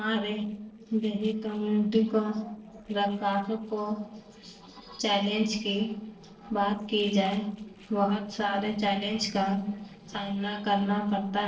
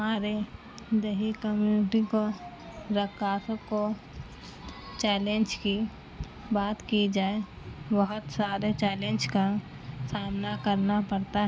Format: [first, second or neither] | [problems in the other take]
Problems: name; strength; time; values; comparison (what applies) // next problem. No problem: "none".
second | noise reduction (neural separator model SepFormer DNS4)